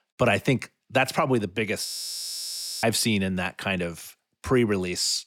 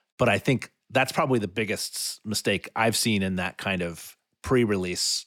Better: second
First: audio freezing; at 2 s for 1 s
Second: none

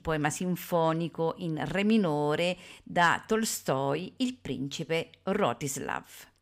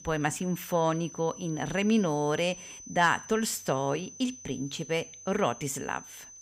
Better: first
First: none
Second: high-pitched whine; noticeable; throughout; 6 kHz, 15 dB below the speech

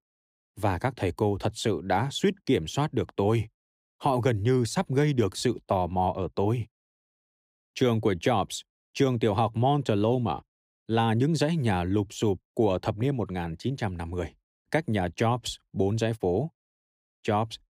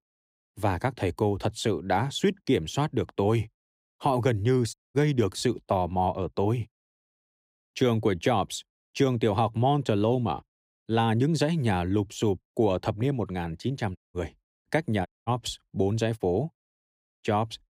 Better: first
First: none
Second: audio cutting out; at 4.5 s, at 14 s and at 15 s

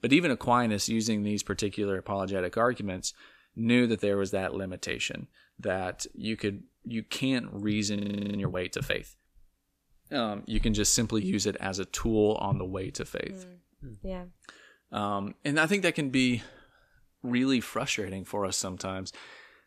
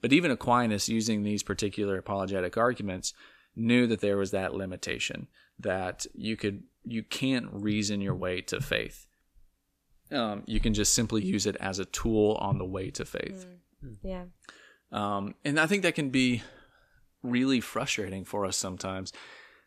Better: second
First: audio freezing; at 8 s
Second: none

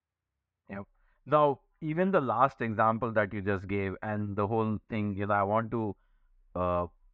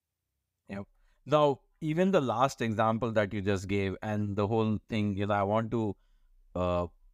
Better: second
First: muffled; very; fading above 2 kHz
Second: none

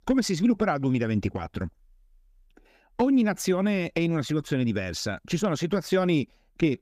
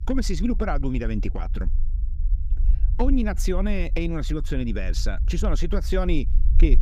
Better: first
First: none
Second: low rumble; noticeable; throughout; 20 dB below the speech

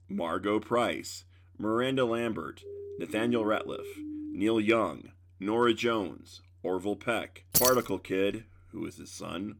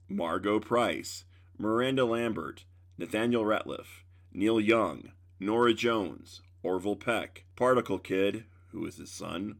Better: second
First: siren; noticeable; from 2.5 to 4.5 s; peak 9 dB below the speech // jangling keys; loud; at 7.5 s; peak 5 dB above the speech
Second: none

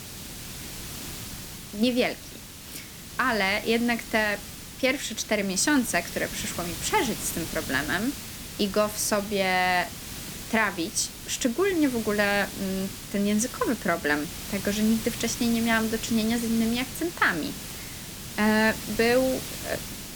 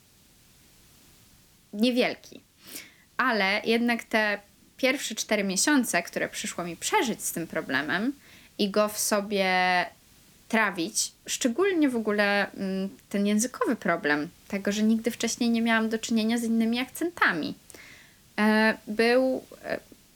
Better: second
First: hiss; loud; throughout; 10 dB below the speech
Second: hiss; faint; throughout; 30 dB below the speech

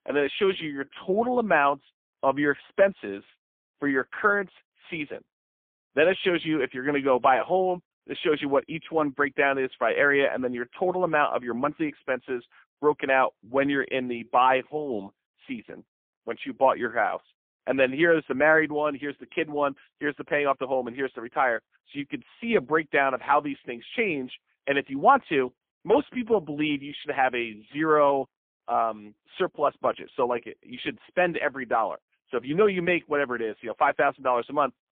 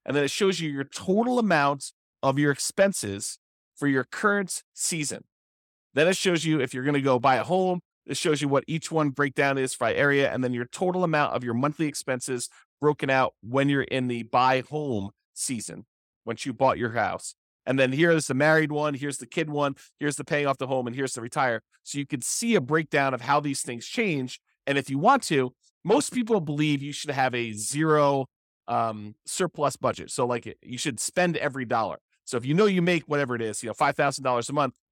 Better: second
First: phone-call audio; poor line; nothing above 3.5 kHz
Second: none

